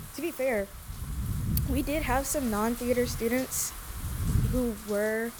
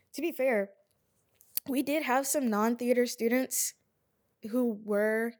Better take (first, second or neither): second